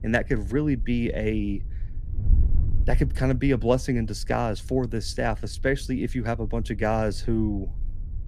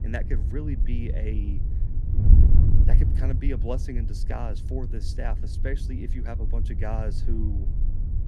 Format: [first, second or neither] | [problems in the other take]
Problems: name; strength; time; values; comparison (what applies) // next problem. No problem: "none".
first | wind noise on the microphone; heavy; 4 dB below the speech; occasional gusts in the first